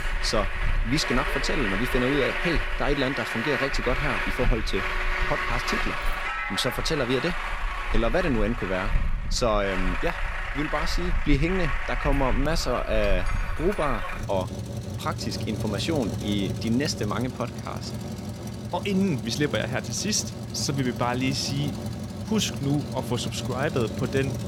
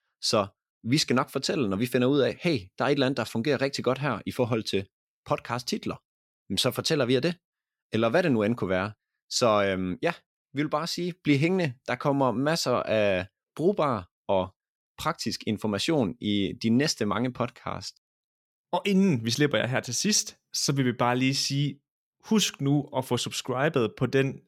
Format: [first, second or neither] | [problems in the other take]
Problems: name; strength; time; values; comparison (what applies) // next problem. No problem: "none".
second | traffic noise; loud; throughout; 3 dB below the speech